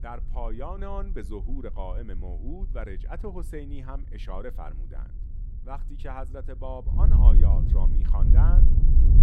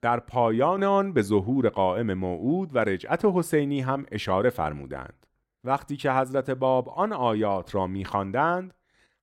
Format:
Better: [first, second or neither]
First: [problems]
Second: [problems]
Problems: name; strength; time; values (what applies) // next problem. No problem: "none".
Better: second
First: wind noise on the microphone; heavy; as loud as the speech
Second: none